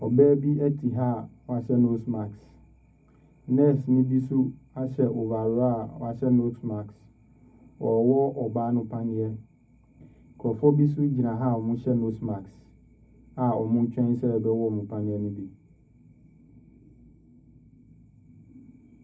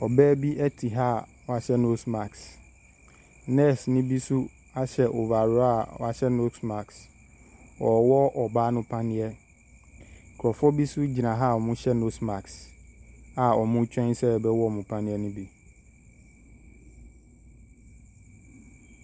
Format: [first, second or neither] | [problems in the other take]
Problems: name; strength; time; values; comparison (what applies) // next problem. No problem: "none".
second | room echo; dies away in 0.4 s